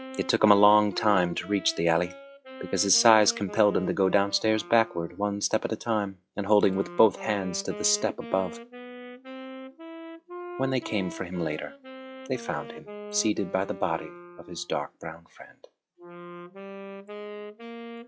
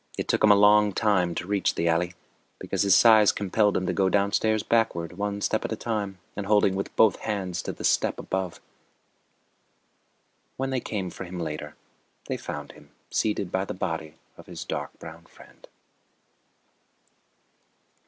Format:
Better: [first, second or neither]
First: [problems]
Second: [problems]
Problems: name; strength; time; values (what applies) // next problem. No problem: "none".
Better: second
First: noise reduction (classical method log-MMSE)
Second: none